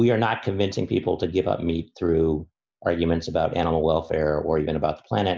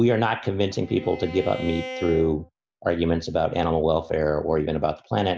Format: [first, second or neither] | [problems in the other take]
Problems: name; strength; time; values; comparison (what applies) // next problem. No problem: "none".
first | background sound (Bowed string instrument); 13 dB below the speech